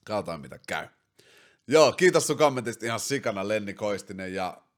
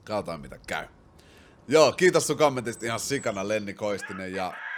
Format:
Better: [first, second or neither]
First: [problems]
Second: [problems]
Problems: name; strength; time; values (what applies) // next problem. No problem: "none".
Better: first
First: none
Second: animal sounds; faint; throughout; 20 dB below the speech